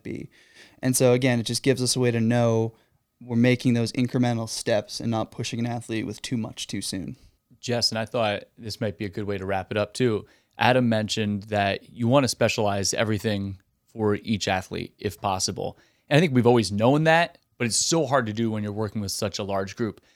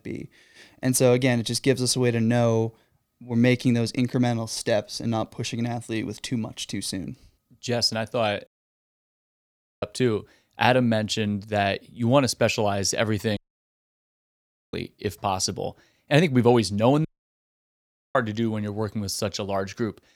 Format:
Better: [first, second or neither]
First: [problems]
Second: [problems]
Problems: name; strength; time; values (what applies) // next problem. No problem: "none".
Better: first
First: none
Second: audio cutting out; at 8.5 s for 1.5 s, at 13 s for 1.5 s and at 17 s for 1 s